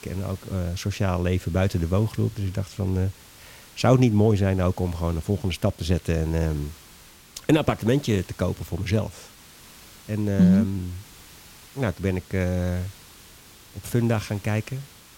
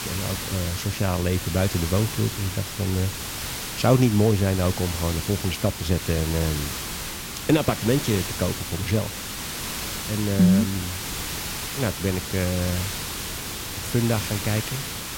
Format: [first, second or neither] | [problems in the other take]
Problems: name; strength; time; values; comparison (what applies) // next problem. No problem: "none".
first | hiss; loud; throughout; 5 dB below the speech; faint in the first